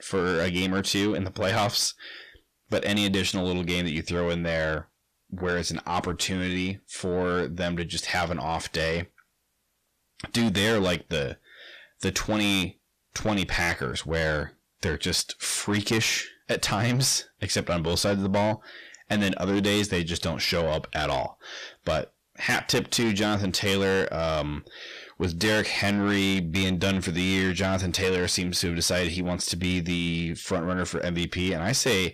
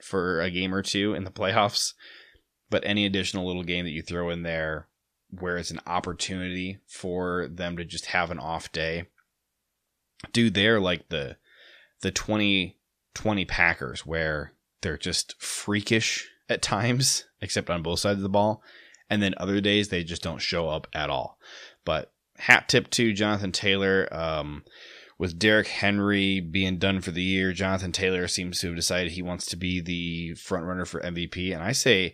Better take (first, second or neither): second